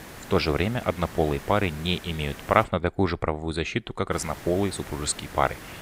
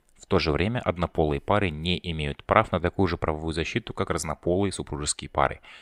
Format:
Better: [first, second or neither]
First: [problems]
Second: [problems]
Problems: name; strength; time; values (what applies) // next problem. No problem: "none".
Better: second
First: hiss; noticeable; until 2.5 s and from 4 s on; 15 dB below the speech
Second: none